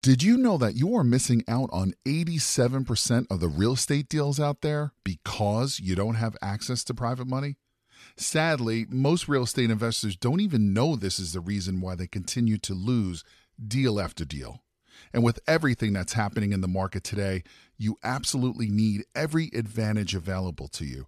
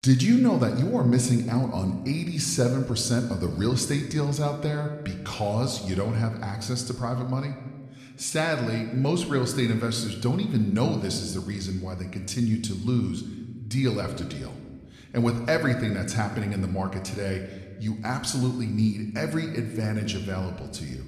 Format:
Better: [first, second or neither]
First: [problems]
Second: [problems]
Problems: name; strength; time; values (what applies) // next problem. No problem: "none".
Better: first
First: none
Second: room echo; slight; dies away in 1.1 s